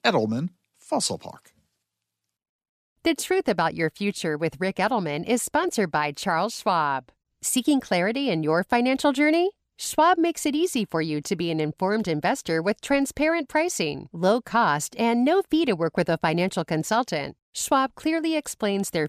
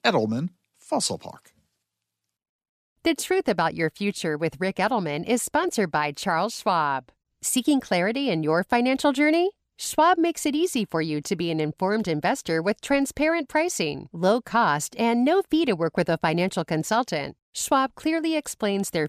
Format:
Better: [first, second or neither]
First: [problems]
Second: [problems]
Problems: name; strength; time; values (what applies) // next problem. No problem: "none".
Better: neither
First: none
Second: none